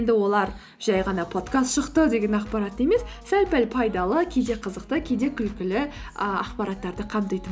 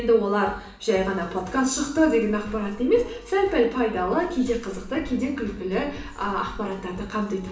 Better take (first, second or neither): first